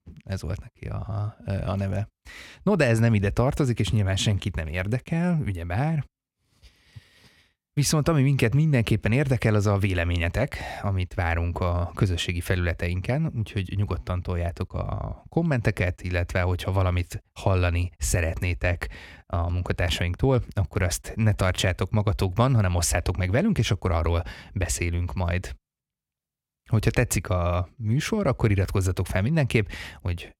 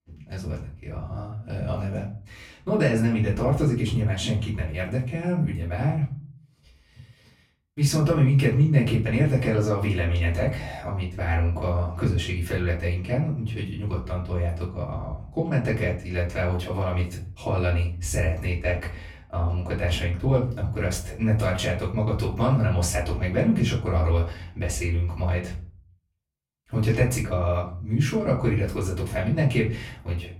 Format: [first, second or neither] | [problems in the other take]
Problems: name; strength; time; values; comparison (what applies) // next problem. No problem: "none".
first | off-mic speech; far // room echo; slight; dies away in 0.4 s